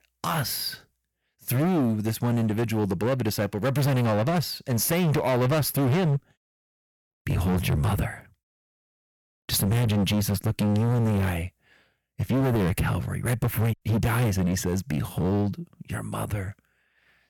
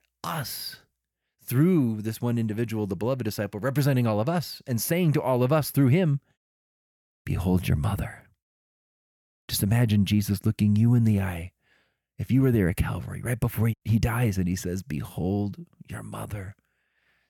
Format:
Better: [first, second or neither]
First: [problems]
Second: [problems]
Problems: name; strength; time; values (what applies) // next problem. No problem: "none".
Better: second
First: distortion; heavy; 18% of the sound clipped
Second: none